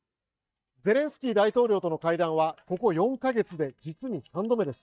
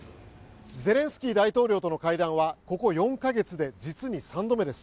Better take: second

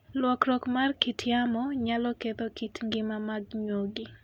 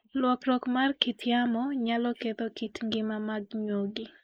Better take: first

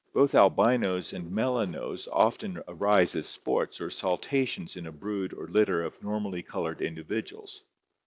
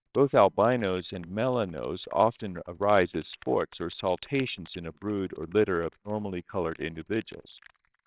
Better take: first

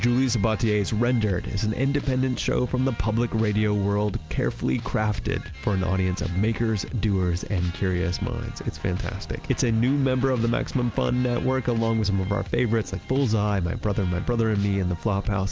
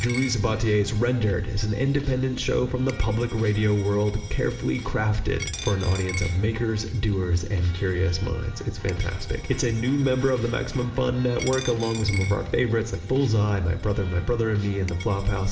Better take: first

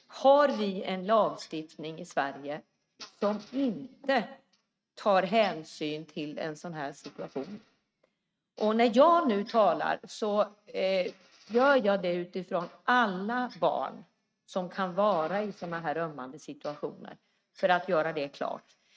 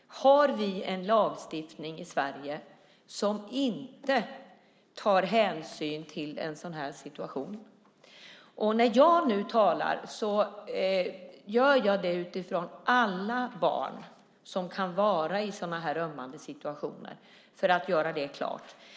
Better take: second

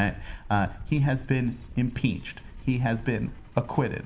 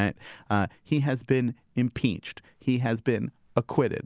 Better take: second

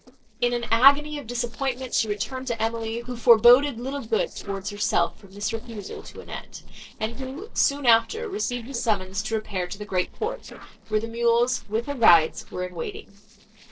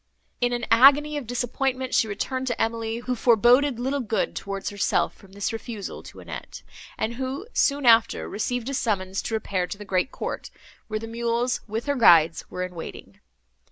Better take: second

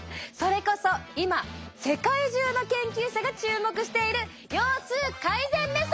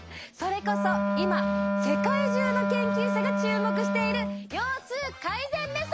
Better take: first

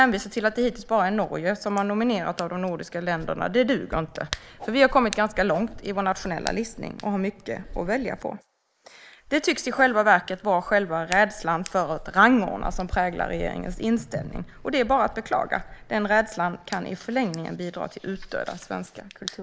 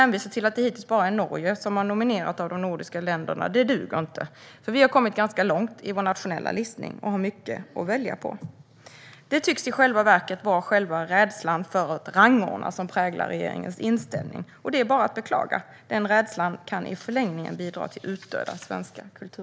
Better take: second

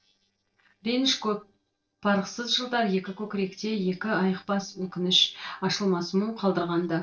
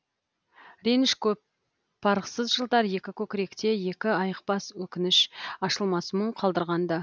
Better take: second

